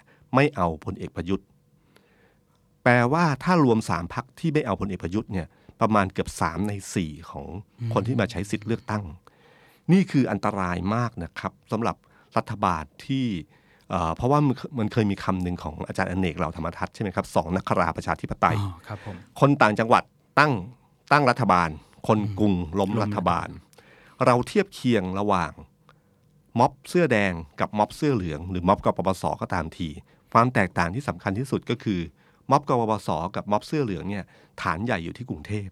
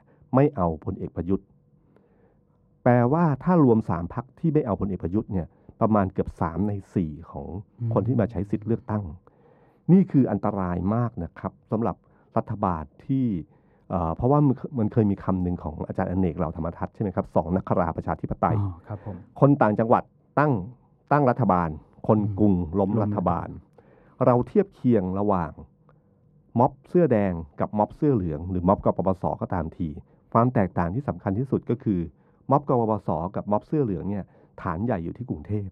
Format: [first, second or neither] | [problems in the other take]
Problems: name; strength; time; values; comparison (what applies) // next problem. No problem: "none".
first | muffled; very; fading above 1.5 kHz